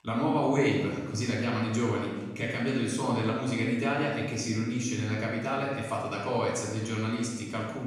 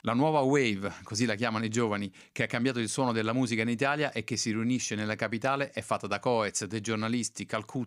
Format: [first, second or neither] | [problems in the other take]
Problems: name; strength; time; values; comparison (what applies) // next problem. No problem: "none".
second | off-mic speech; far // room echo; noticeable; dies away in 1.3 s